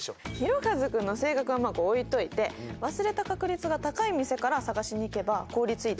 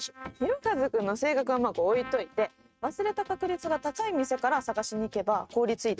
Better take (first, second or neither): first